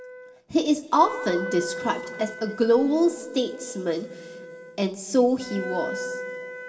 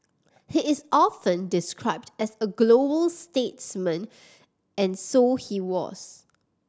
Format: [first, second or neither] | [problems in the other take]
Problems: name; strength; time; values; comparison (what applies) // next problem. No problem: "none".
second | background sound (Wind instrument, woodwind instrument); 11 dB below the speech // room echo; dies away in 2.6 s